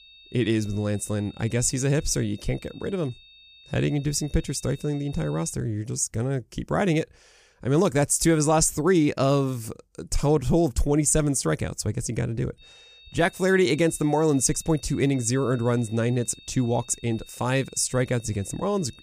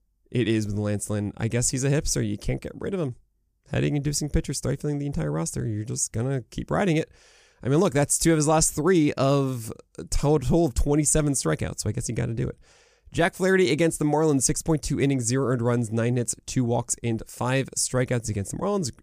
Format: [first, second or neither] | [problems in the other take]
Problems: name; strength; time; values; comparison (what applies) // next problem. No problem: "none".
second | high-pitched whine; faint; until 5.5 s and from 13 s on; 3.5 kHz, 25 dB below the speech